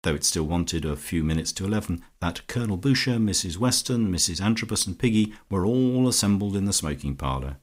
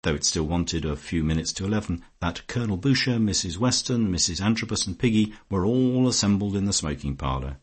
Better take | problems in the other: first | garbled, watery; slightly; nothing above 8 kHz

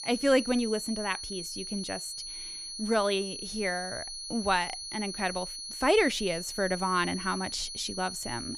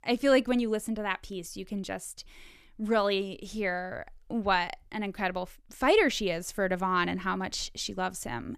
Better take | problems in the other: second | high-pitched whine; loud; throughout; 4.5 kHz, 7 dB below the speech

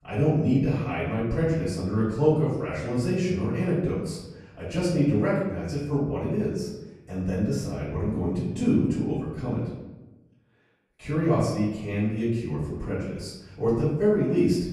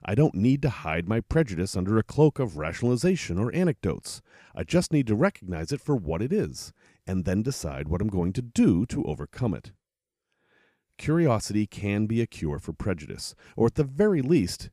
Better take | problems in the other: second | off-mic speech; far // room echo; noticeable; dies away in 1 s

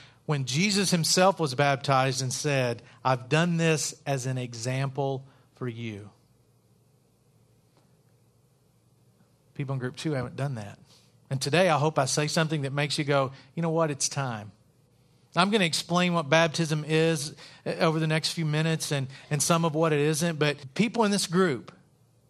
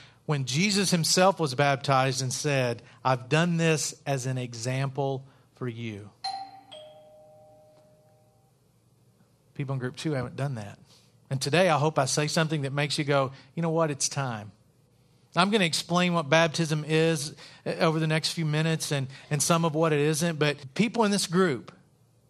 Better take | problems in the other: first | doorbell; noticeable; at 6 s; peak 9 dB below the speech

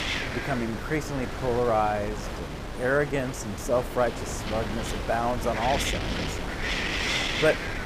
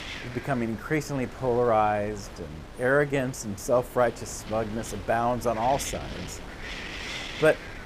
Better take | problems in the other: second | wind noise on the microphone; heavy; 4 dB below the speech; occasional gusts in the second

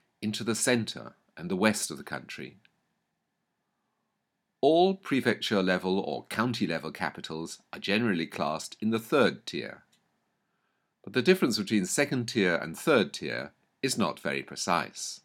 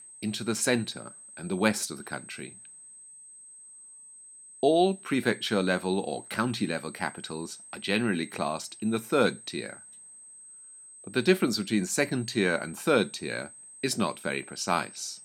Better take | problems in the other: first | high-pitched whine; noticeable; throughout; 8.5 kHz, 15 dB below the speech

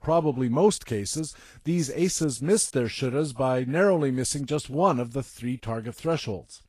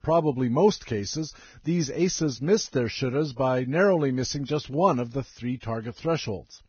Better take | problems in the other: first | garbled, watery; badly; nothing above 6.5 kHz; slightly in the first

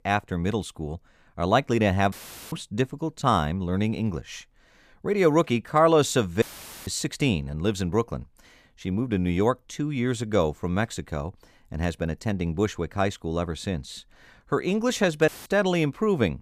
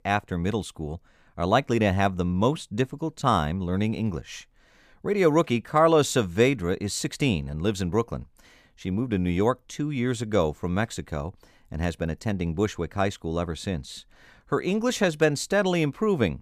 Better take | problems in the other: second | audio cutting out; filled with static; at 2 s, at 6.5 s and at 15 s

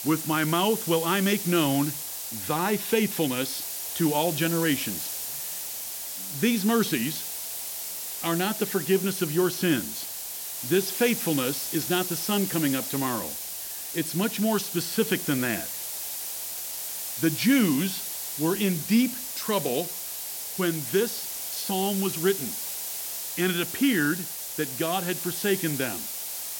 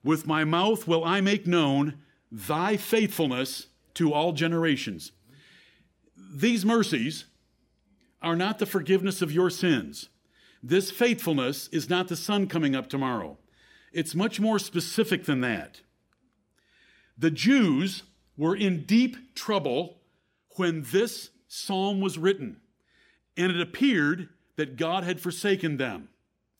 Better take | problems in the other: second | hiss; loud; throughout; 4 dB below the speech

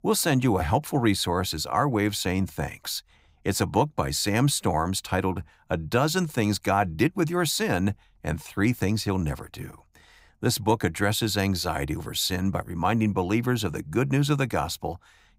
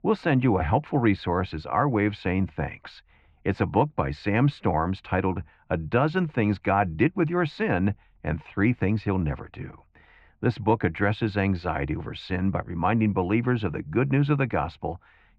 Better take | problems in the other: first | muffled; very; fading above 2.5 kHz

